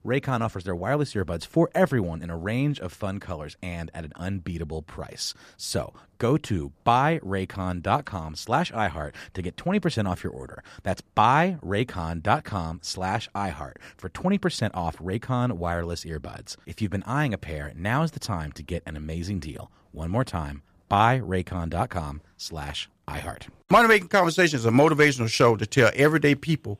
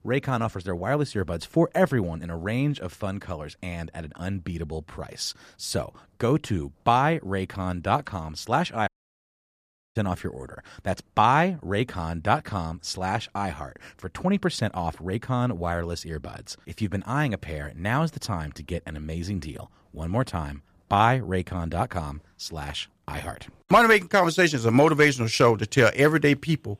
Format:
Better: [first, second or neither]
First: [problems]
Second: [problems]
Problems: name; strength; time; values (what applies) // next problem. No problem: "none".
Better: first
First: none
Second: audio cutting out; at 9 s for 1 s